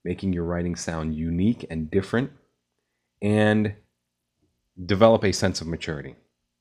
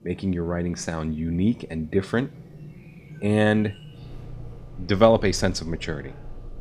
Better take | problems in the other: first | animal sounds; noticeable; throughout; 20 dB below the speech

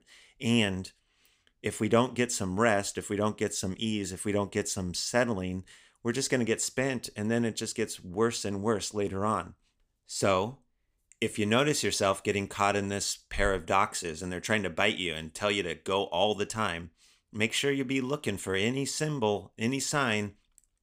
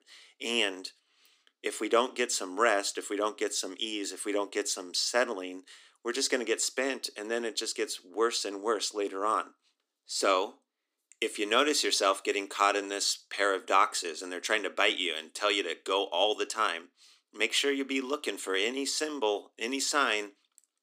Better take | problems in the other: first | thin; somewhat; fading below 250 Hz

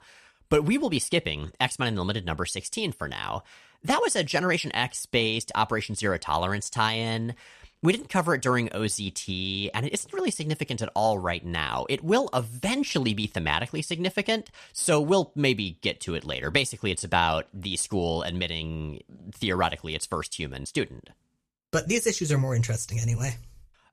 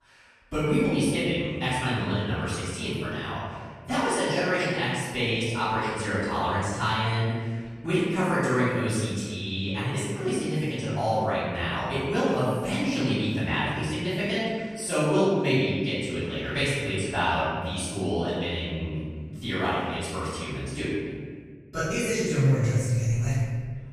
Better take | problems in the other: first | off-mic speech; far // room echo; strong; dies away in 1.7 s

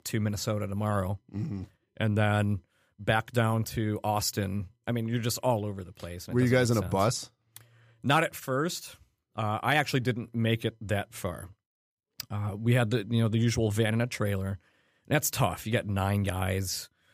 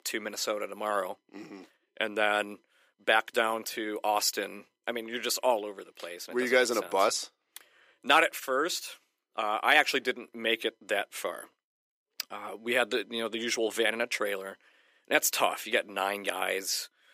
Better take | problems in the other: first | thin; very; fading below 350 Hz

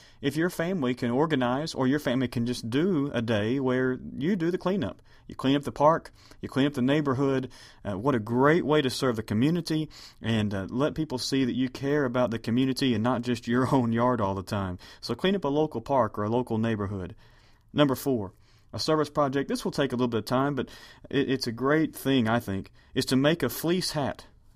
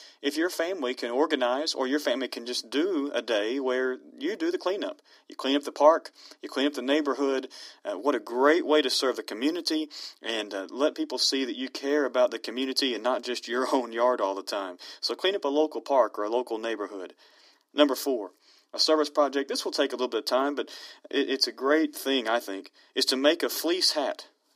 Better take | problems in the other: first | thin; somewhat; fading below 300 Hz

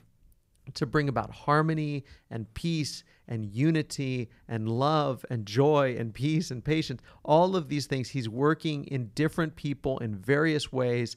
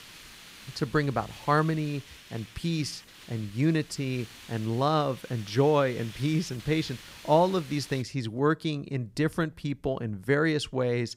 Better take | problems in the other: first | hiss; noticeable; until 8 s; 20 dB below the speech

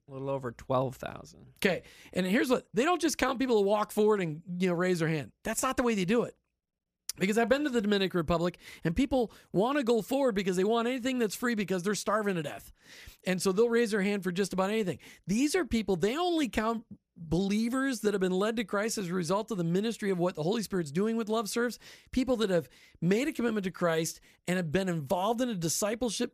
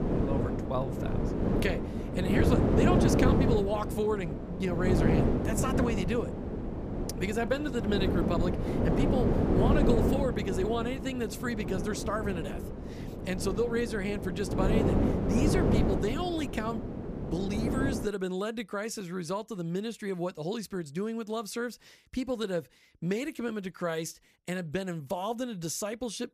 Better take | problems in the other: first | wind noise on the microphone; heavy; until 18 s; as loud as the speech

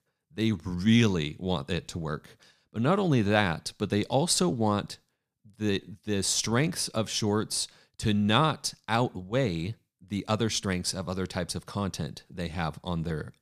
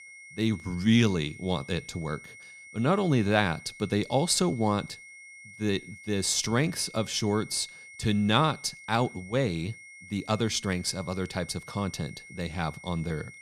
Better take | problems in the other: first | high-pitched whine; noticeable; throughout; 2 kHz, 20 dB below the speech

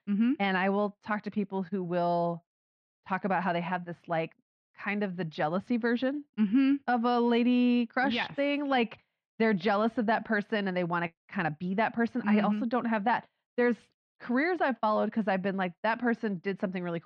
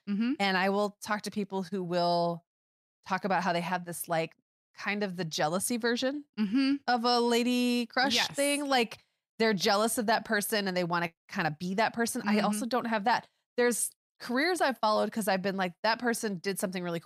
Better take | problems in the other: second | muffled; very; fading above 3 kHz

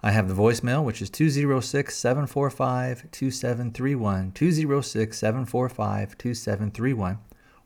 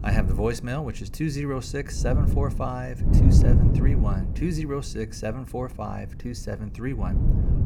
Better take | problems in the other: first | wind noise on the microphone; heavy; 2 dB below the speech

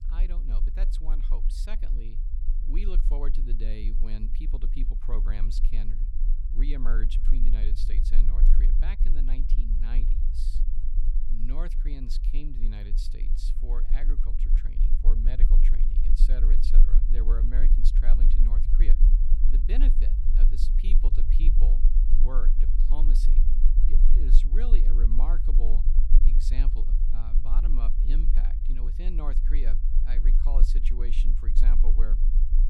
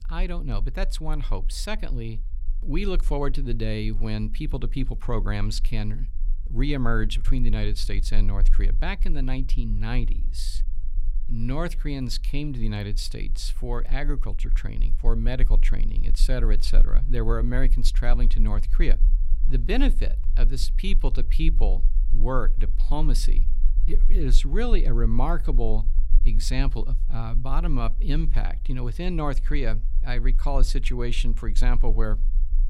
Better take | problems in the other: second | low rumble; loud; throughout; 6 dB below the speech; faint in the second

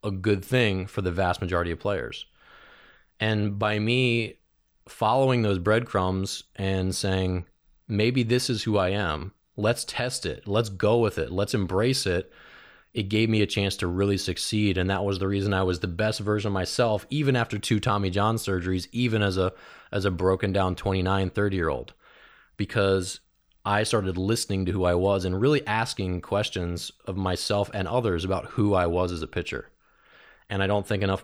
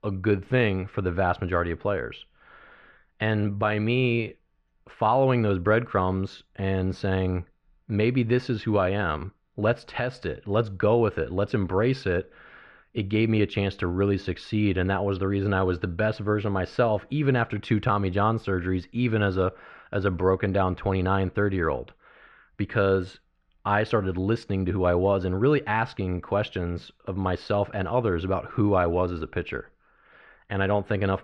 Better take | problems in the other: first | muffled; very; fading above 2 kHz

